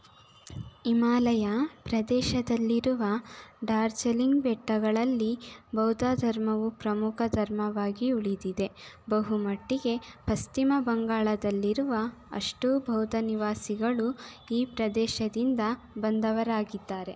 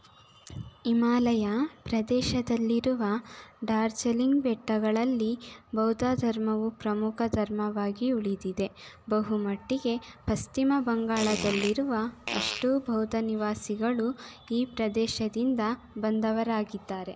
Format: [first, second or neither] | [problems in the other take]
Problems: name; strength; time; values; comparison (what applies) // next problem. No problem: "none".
first | background sound (Fart); 8 dB below the speech